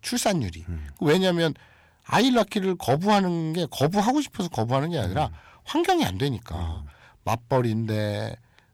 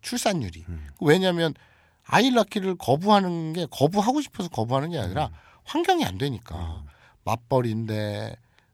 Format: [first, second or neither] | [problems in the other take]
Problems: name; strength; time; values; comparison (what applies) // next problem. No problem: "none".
second | distortion; slight; 10 dB below the speech